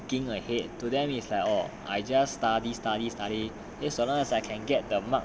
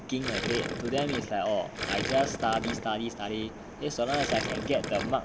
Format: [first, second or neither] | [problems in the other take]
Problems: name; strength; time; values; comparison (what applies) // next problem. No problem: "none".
first | background sound (Gurgling); 3 dB below the speech